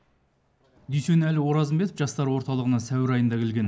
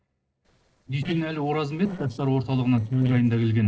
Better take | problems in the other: first | noise reduction (neural separator model SepFormer DNS4)

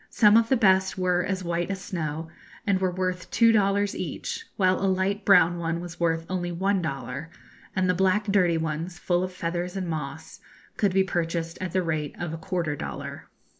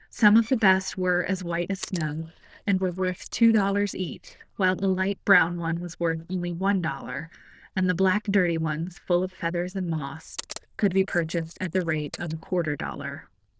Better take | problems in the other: first | noise reduction (neural diffusion model UNIVERSE++)

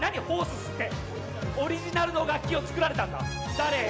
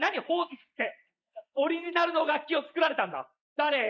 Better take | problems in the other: first | noise reduction (neural mask model Resemble Enhance denoiser)

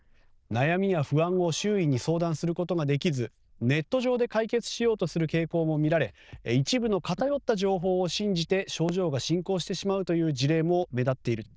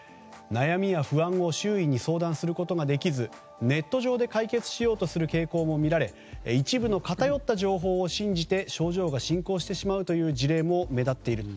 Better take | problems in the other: second | noise reduction (neural diffusion model UNIVERSE++)

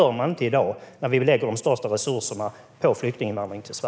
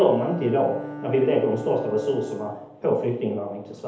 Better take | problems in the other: first | background sound (Bowed string instrument); 15 dB below the speech // room echo; dies away in 2.2 s

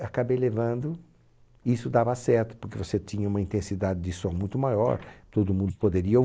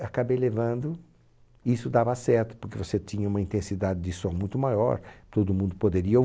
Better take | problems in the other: second | noise reduction (neural mask model Resemble Enhance denoiser)

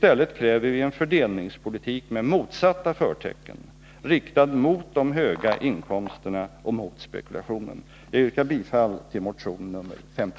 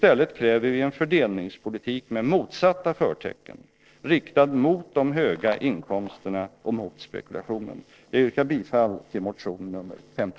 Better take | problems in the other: first | noise reduction (neural separator model SepFormer DNS4)

